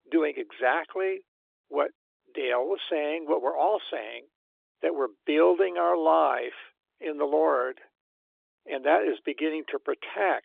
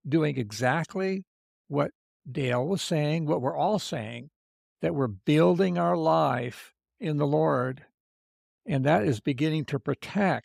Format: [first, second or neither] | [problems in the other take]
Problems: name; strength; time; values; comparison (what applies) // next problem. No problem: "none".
second | phone-call audio; nothing above 3.5 kHz